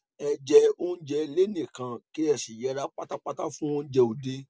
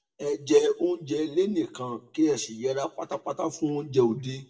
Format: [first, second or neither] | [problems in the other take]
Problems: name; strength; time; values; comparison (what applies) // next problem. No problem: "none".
first | room echo; dies away in 0.5 s